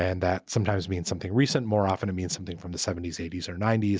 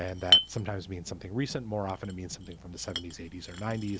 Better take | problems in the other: first | background sound (Chink, clink); 2 dB above the speech

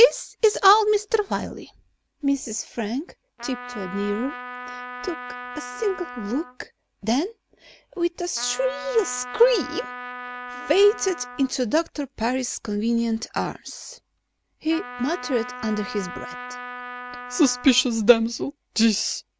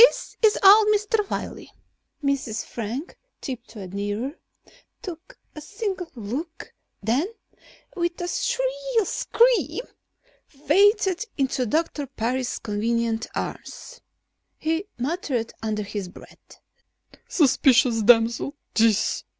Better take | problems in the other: second | background sound (Trumpet); 12 dB below the speech

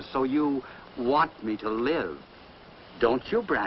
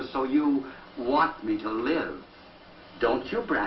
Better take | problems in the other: first | room echo; dies away in 0.3 s

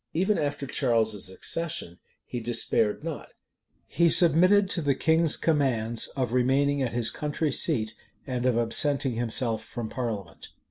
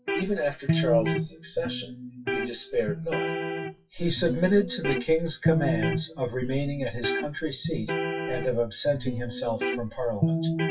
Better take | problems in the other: first | noise reduction (classical method WPE with log-MMSE)

